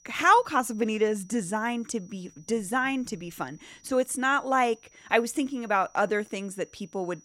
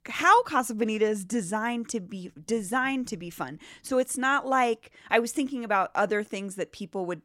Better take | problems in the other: second | high-pitched whine; faint; throughout; 6 kHz, 30 dB below the speech

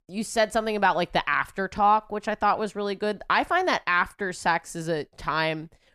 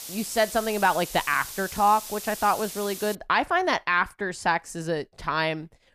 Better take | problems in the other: first | hiss; noticeable; until 3 s; 10 dB below the speech

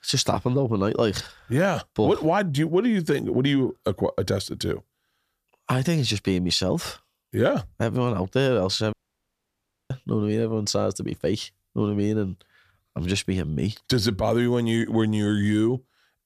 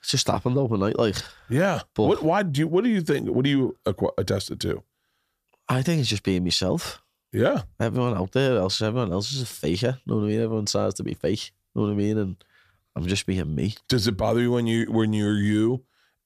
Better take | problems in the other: second | audio cutting out; at 9 s for 1 s

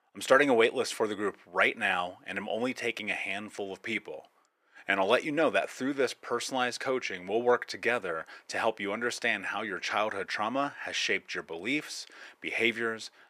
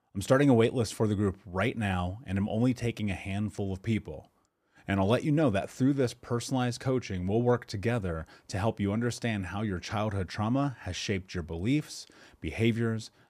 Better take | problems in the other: second | thin; somewhat; fading below 450 Hz

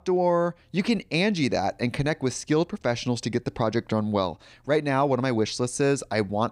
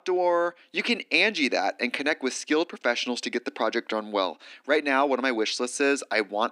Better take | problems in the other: first | thin; very slightly; fading below 250 Hz

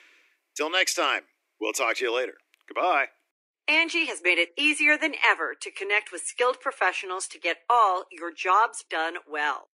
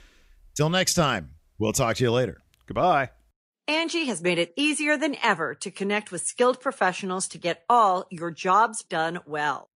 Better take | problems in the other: second | thin; somewhat; fading below 300 Hz

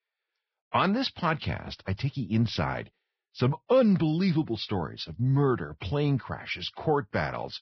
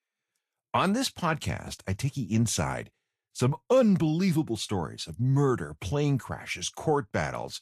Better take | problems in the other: second | garbled, watery; badly; nothing above 5.5 kHz; slightly in the second

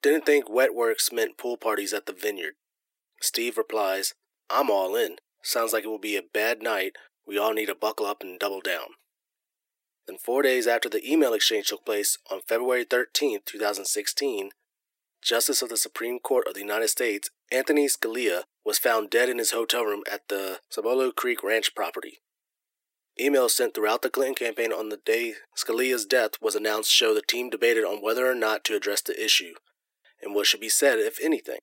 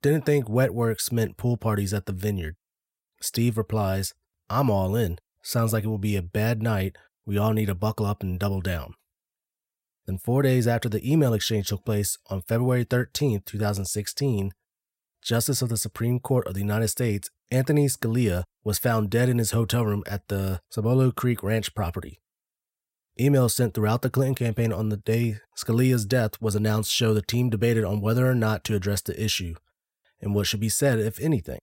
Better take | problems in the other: second | thin; very; fading below 300 Hz

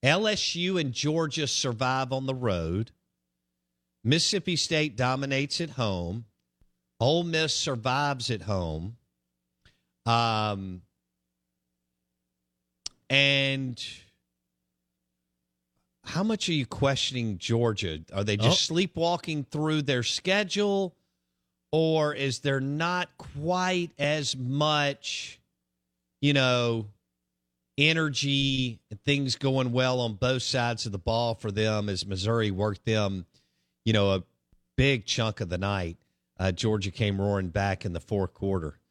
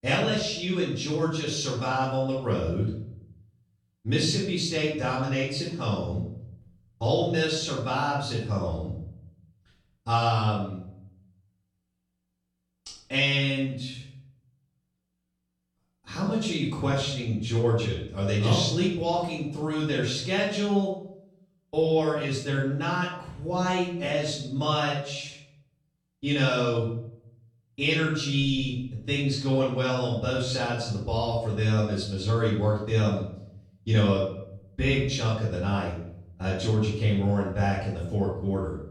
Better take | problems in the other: first | off-mic speech; far // room echo; noticeable; dies away in 0.7 s

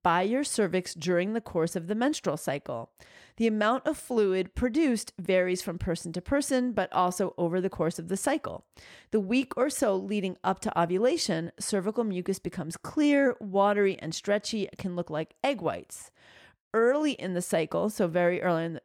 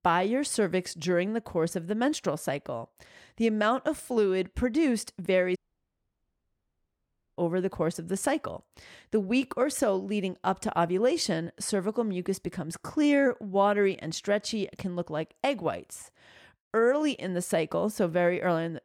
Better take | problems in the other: first | audio cutting out; at 5.5 s for 2 s

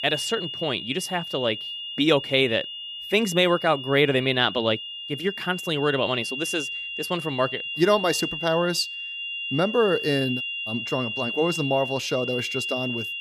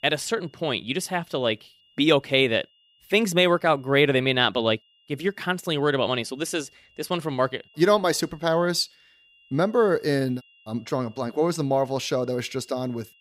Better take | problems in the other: second | high-pitched whine; loud; throughout; 3 kHz, 6 dB below the speech; faint in the second

